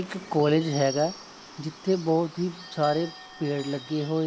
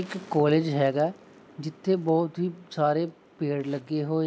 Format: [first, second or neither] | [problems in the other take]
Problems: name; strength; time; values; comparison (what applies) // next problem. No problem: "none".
second | background sound (Bird / Bell); 16 dB below the speech